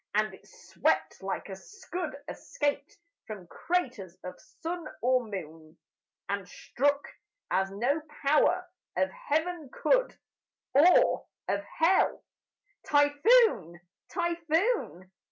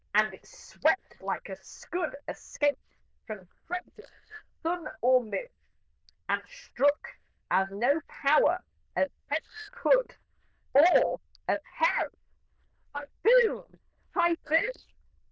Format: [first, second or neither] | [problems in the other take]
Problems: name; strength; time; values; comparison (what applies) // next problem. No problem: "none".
first | noise reduction (neural diffusion model UNIVERSE++)